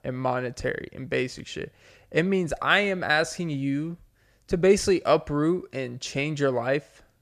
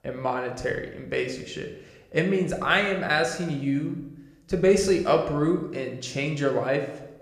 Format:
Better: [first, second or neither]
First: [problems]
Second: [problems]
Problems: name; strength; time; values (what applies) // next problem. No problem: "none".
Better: first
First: none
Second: room echo; slight; dies away in 0.7 s